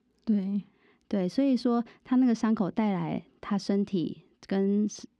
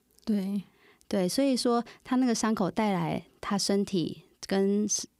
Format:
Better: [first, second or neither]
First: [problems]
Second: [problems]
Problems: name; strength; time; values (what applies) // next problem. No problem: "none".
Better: second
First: muffled; slightly; fading above 3.5 kHz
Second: none